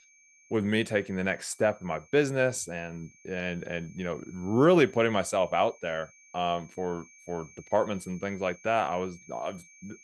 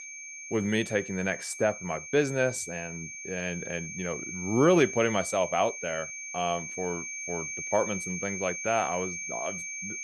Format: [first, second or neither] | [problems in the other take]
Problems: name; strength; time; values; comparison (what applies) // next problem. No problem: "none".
first | high-pitched whine; loud; throughout; 2.5 kHz, 7 dB below the speech; faint in the first